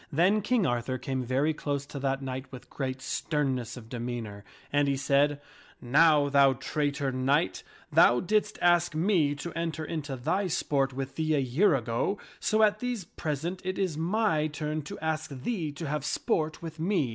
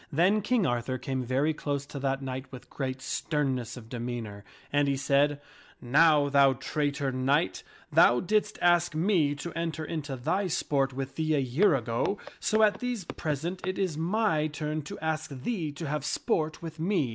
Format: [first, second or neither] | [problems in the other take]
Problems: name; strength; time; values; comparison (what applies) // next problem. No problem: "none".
first | background sound (Walk, footsteps); 15 dB below the speech